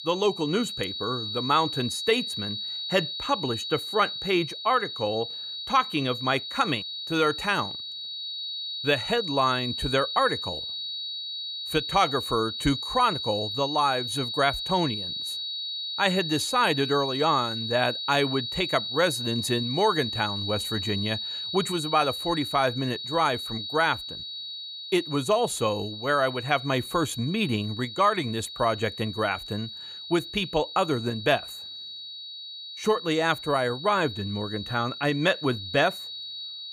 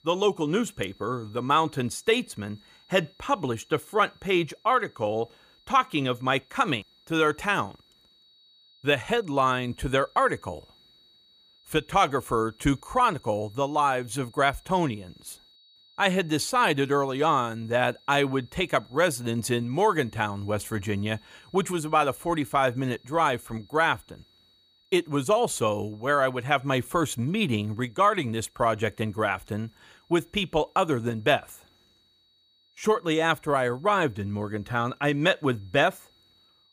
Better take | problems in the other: second | high-pitched whine; loud; throughout; 4 kHz, 6 dB below the speech; faint in the second

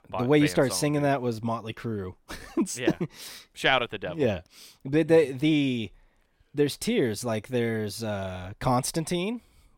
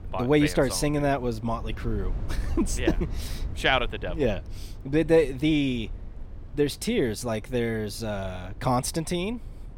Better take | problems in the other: first | low rumble; faint; throughout; 25 dB below the speech

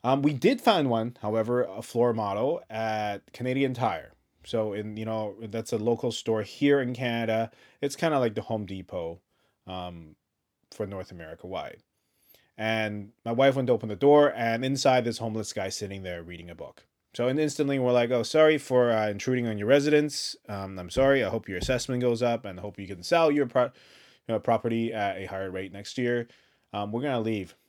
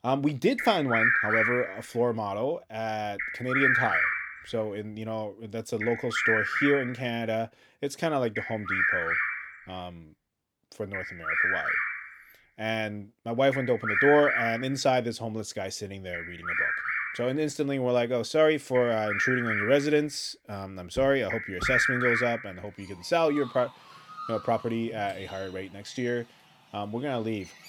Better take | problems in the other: first | animal sounds; very loud; throughout; 1 dB above the speech

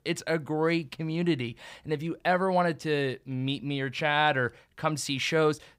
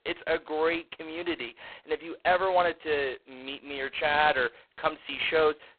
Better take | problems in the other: first | phone-call audio; poor line; nothing above 4 kHz

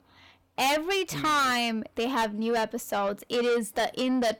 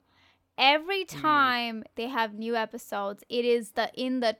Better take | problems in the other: second | distortion; heavy; 6 dB below the speech

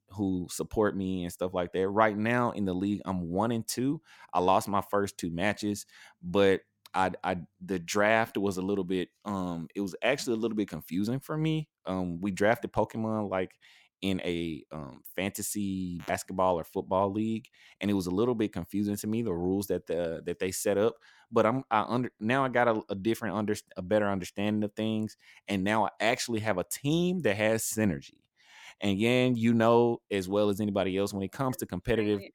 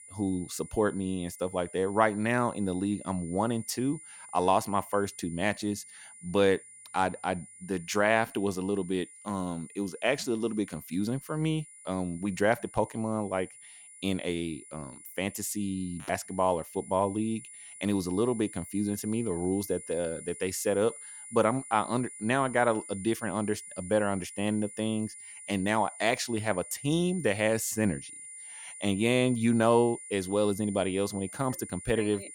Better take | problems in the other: first | high-pitched whine; noticeable; throughout; 9.5 kHz, 15 dB below the speech

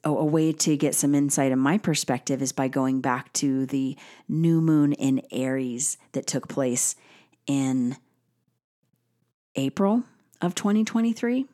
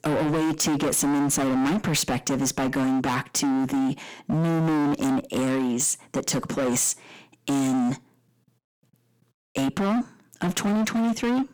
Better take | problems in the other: first | distortion; heavy; 32% of the sound clipped

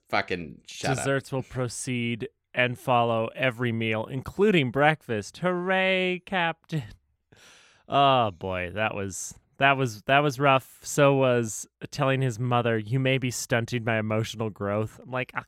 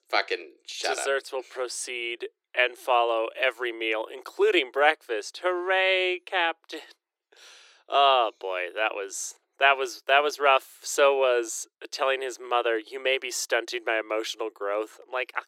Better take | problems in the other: first | thin; very; fading below 350 Hz

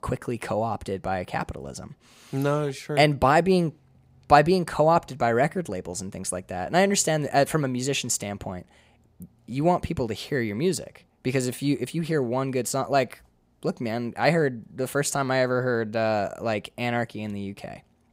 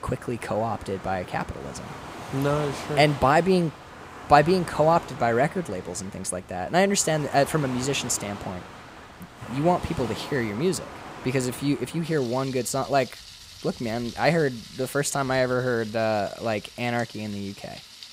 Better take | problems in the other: first | rain or running water; noticeable; throughout; 15 dB below the speech

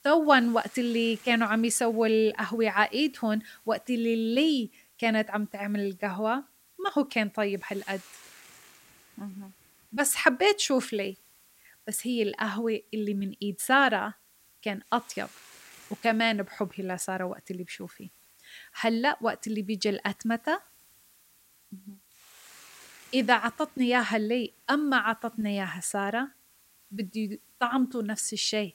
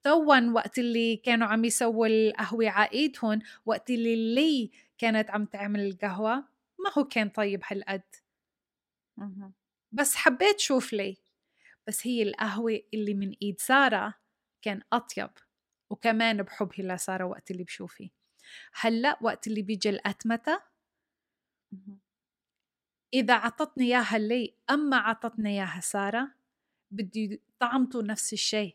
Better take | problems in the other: second | hiss; faint; throughout; 25 dB below the speech

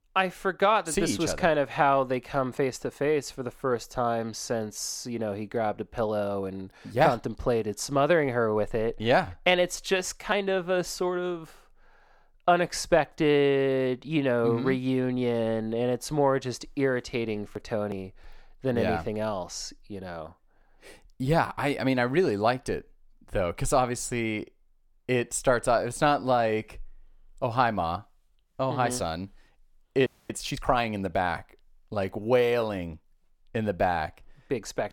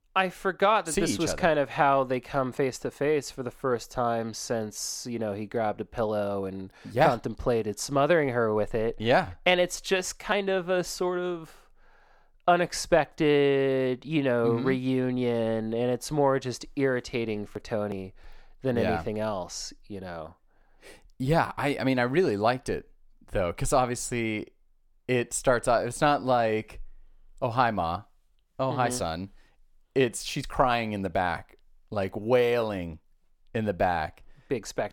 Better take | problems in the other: second | audio freezing; at 30 s

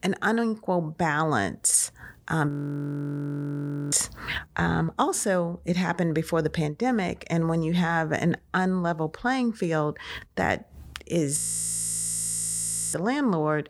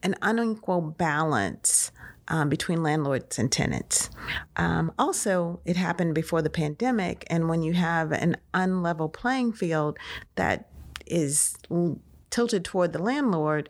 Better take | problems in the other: second | audio freezing; at 2.5 s for 1.5 s and at 11 s for 1.5 s

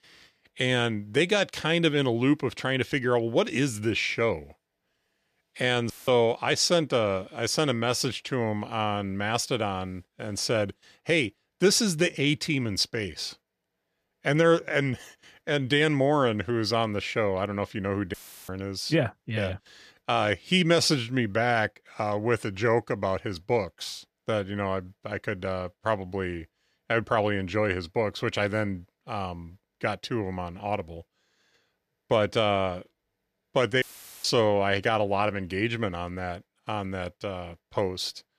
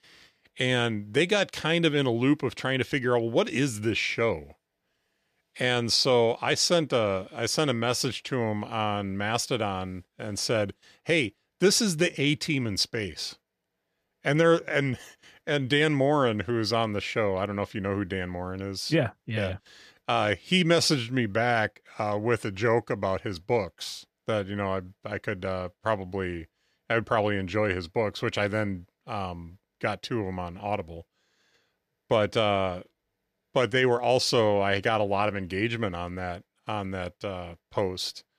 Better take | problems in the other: second | audio cutting out; filled with static; at 6 s, at 18 s and at 34 s

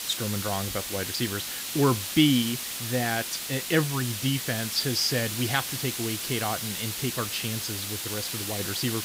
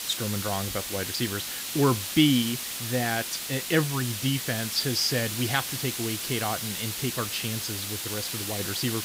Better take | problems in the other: neither | hiss; loud; throughout; 3 dB below the speech; the same in both

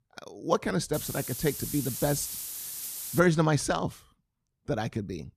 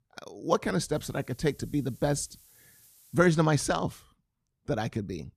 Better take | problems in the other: second | hiss; loud; from 1 to 3 s; 6 dB below the speech; faint in the second

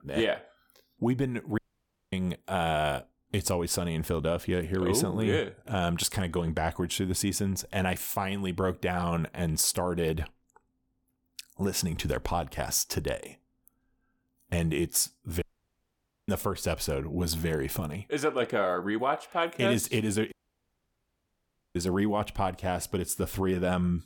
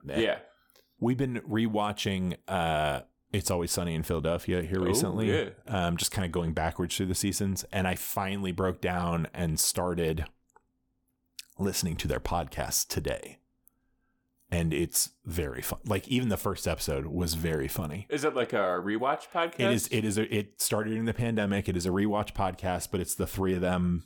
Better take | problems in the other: second | audio cutting out; at 1.5 s for 0.5 s, at 15 s for 1 s and at 20 s for 1.5 s

